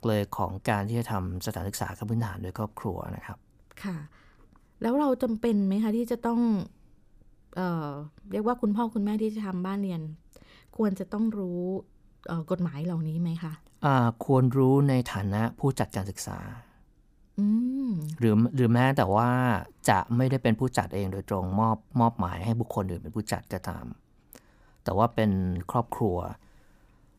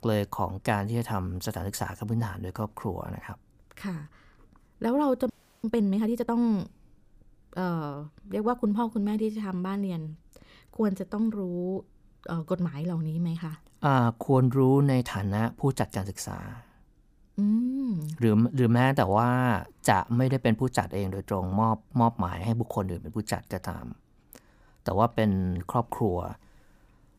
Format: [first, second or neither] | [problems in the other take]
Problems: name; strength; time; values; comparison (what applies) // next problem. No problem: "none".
first | audio freezing; at 5.5 s